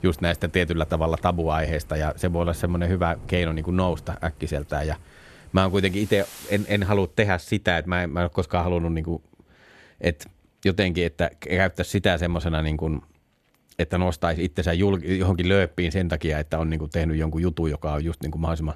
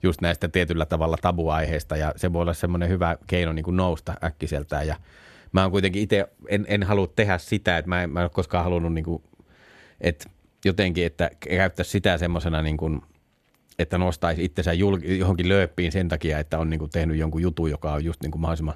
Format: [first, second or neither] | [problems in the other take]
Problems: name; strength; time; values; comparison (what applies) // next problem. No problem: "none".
second | rain or running water; faint; until 6.5 s; 20 dB below the speech